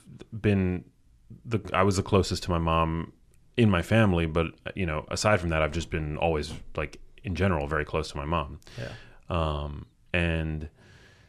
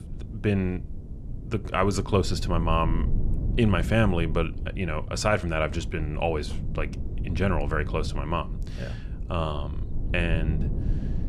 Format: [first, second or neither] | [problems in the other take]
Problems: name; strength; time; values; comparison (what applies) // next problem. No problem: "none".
first | low rumble; noticeable; throughout; 15 dB below the speech